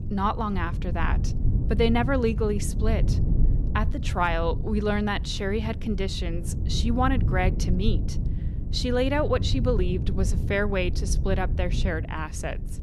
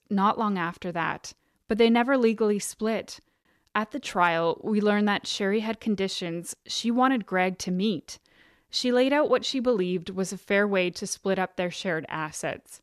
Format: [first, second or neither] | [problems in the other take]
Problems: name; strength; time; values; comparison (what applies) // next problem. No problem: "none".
second | wind noise on the microphone; occasional gusts; 15 dB below the speech